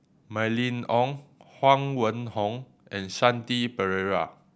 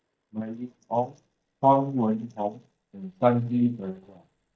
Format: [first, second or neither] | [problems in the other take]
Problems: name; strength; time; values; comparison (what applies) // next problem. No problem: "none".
first | noise reduction (neural mask model DeepFilterNet 3)